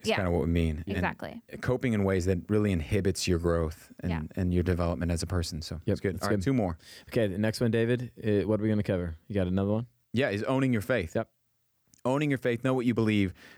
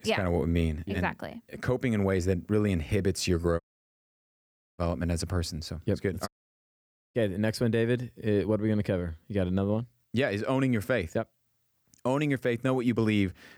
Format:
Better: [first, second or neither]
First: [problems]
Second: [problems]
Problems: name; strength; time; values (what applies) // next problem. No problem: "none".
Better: first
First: none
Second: audio cutting out; at 3.5 s for 1 s and at 6.5 s for 1 s